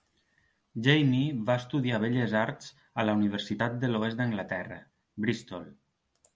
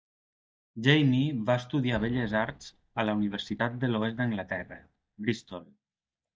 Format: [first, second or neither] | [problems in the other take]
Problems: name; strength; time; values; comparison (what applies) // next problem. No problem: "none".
first | noise reduction (neural mask model DeepFilterNet 3)